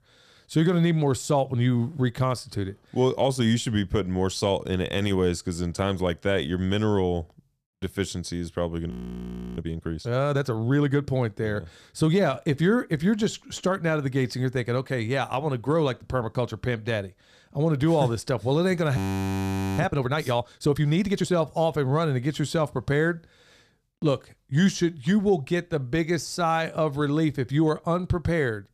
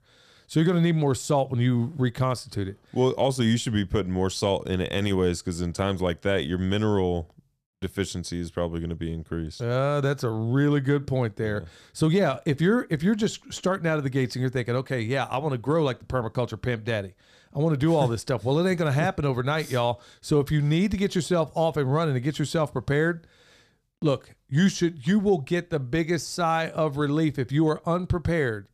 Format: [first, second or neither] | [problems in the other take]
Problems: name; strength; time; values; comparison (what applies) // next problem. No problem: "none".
second | audio freezing; at 9 s for 0.5 s and at 19 s for 1 s